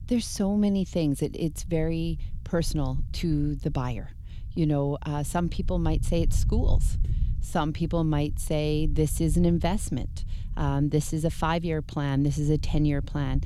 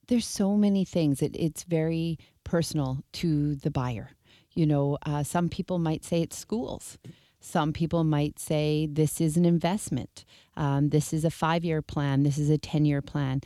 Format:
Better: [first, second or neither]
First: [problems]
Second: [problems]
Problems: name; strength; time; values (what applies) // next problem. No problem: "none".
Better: second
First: low rumble; faint; throughout; 20 dB below the speech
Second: none